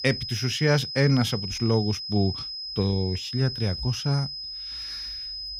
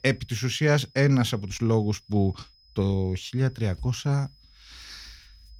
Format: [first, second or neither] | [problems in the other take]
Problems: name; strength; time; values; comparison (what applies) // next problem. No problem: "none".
second | high-pitched whine; loud; throughout; 5 kHz, 6 dB below the speech; faint in the second